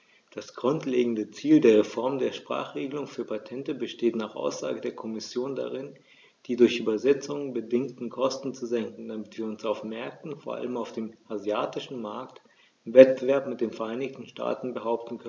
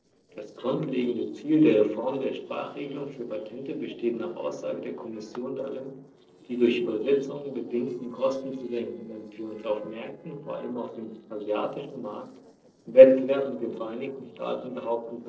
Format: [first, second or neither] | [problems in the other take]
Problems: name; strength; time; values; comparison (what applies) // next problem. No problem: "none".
first | noise reduction (neural separator model SepFormer DNS4)